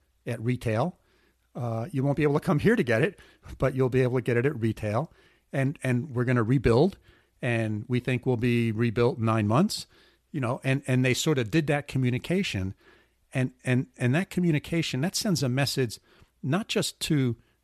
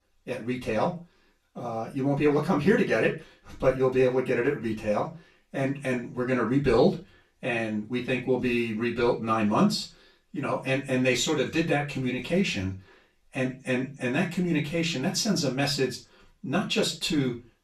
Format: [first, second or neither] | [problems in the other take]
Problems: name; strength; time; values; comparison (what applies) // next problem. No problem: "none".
first | room echo; slight; dies away in 0.2 s // off-mic speech; far